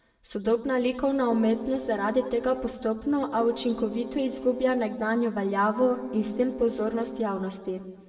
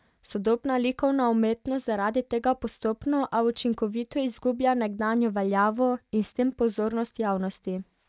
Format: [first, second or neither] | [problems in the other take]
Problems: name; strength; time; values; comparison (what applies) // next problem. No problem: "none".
second | background sound (Keyboard (musical)); 11 dB below the speech // room echo; dies away in 1 s